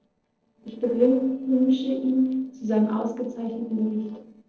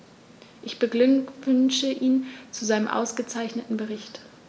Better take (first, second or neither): second